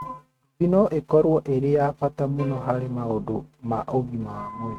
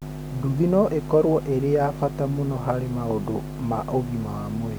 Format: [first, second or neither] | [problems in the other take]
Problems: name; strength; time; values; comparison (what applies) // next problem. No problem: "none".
second | noise reduction (neural mask model RNNoise)